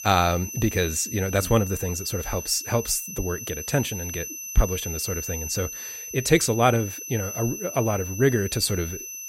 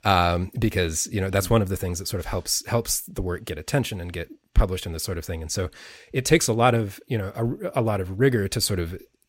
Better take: second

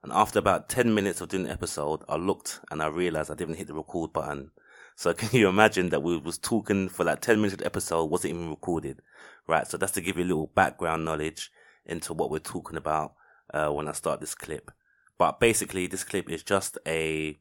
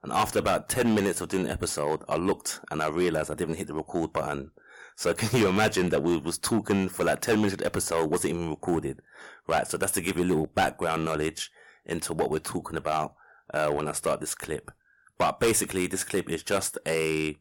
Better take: first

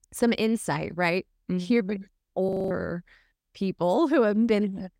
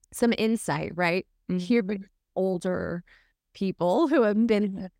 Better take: second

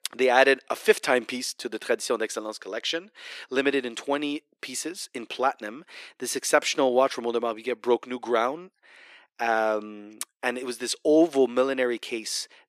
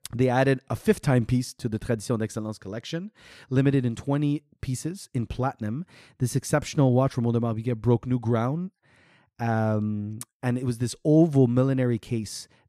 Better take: second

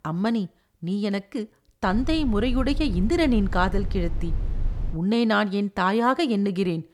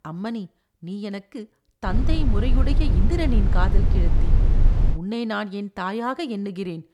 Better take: first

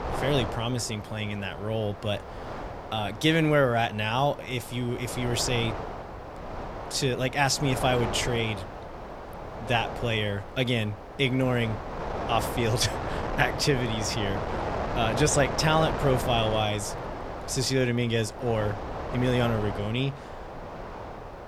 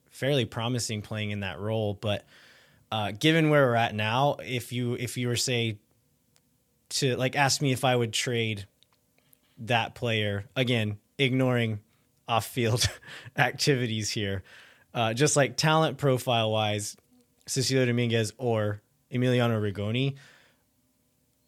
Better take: second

